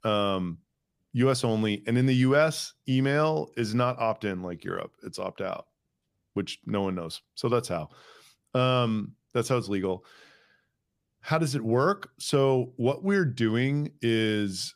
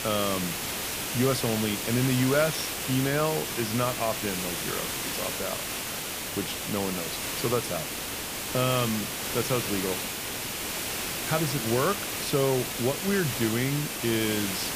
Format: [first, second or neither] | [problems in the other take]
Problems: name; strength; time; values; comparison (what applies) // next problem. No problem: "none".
first | hiss; loud; throughout; 1 dB below the speech